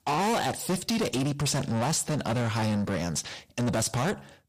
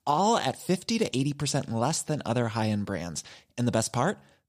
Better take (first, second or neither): second